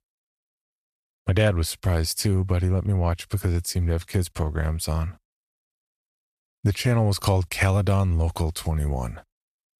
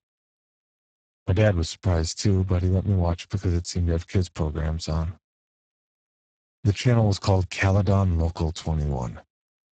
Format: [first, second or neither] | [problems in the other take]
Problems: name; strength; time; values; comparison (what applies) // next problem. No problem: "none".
first | garbled, watery; badly; nothing above 8 kHz